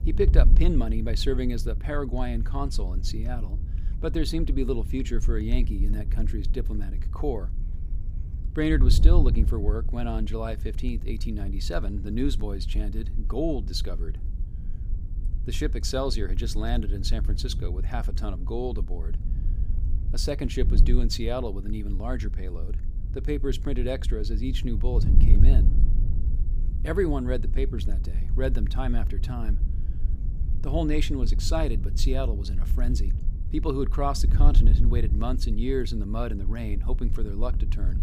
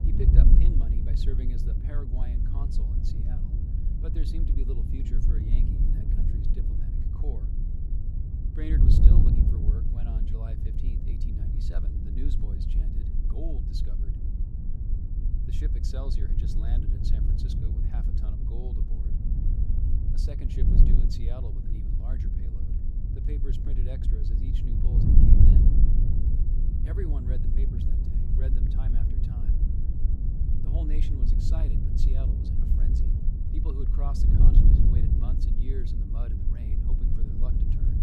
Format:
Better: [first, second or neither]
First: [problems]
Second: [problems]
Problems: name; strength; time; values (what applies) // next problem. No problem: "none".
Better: first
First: wind noise on the microphone; occasional gusts; 15 dB below the speech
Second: wind noise on the microphone; heavy; 4 dB above the speech